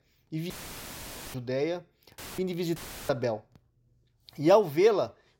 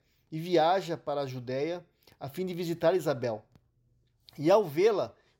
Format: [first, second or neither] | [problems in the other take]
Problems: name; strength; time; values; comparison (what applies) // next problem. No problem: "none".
second | audio cutting out; filled with static; at 0.5 s for 1 s, at 2 s and at 3 s